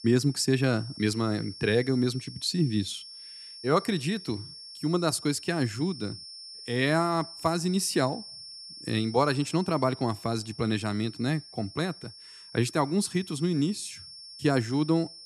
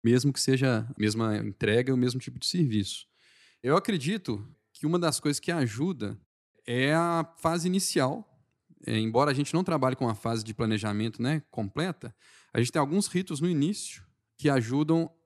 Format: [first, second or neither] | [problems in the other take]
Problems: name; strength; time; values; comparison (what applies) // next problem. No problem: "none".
second | high-pitched whine; noticeable; throughout; 5.5 kHz, 15 dB below the speech